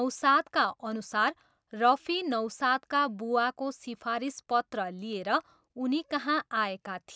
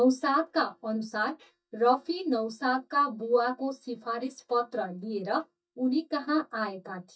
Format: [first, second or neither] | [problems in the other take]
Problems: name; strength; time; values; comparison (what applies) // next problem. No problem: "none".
first | noise reduction (neural mask model DeepFilterNet 3)